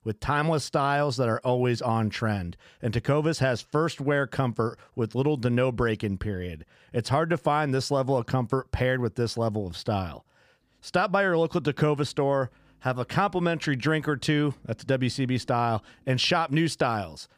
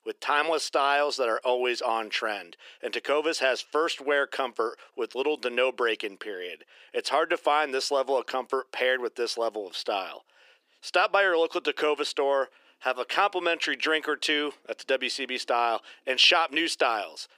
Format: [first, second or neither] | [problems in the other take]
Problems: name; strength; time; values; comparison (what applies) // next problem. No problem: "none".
first | thin; very; fading below 350 Hz